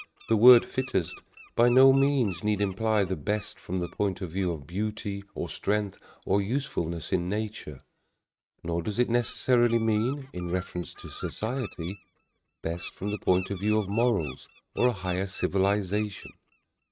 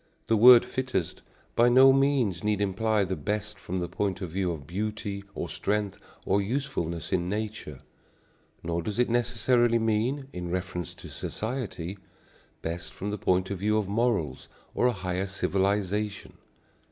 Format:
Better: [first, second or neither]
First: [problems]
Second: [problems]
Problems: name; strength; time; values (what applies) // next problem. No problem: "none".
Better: second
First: noise reduction (neural mask model RNNoise)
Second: none